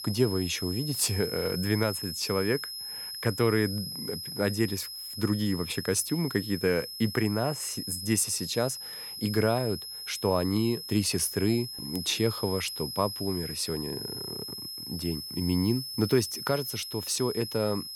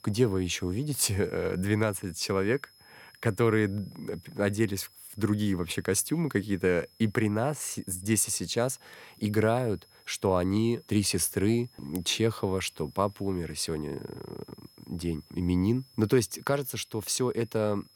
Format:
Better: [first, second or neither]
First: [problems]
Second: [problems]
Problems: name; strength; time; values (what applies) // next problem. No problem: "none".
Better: second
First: high-pitched whine; loud; throughout; 5 kHz, 7 dB below the speech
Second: high-pitched whine; faint; throughout; 5 kHz, 30 dB below the speech